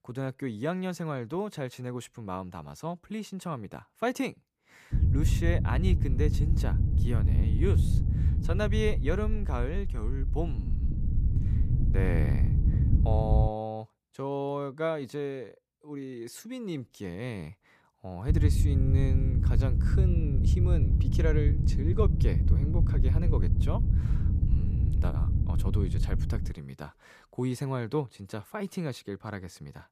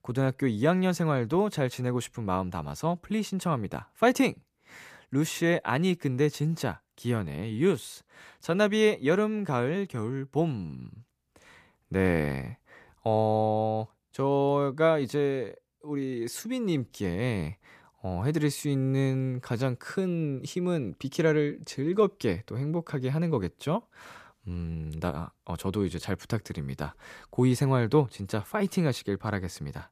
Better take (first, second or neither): second